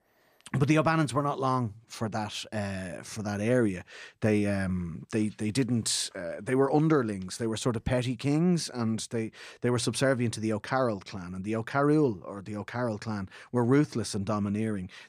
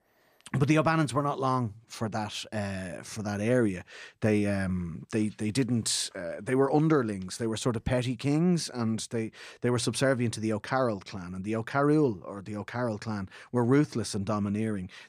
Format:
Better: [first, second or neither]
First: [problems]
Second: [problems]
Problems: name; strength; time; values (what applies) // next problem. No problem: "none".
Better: neither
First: none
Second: none